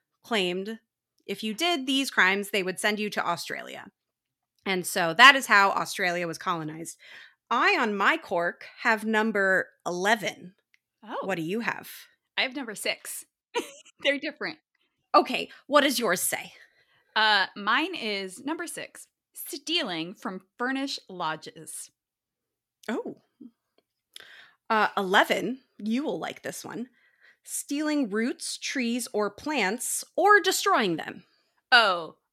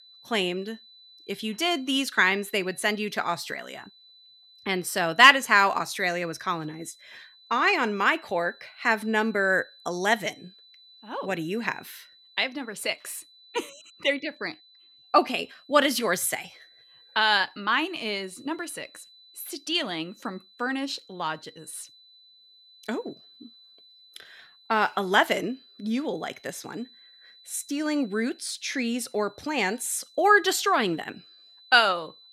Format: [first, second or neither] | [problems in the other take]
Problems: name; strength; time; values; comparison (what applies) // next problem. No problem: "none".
first | high-pitched whine; faint; throughout; 4 kHz, 25 dB below the speech